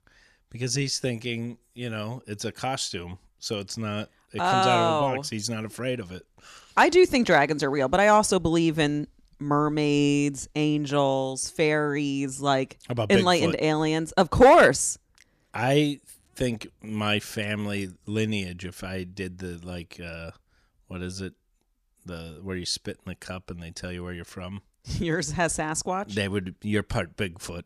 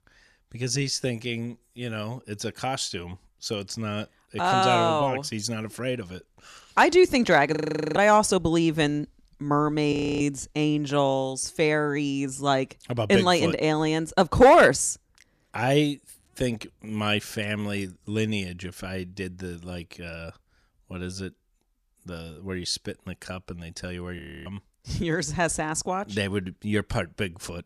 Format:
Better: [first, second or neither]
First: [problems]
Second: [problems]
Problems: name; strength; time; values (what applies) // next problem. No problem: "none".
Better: first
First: none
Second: audio freezing; at 7.5 s, at 10 s and at 24 s